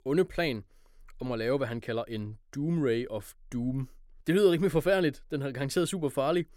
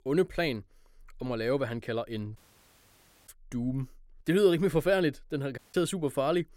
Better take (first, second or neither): first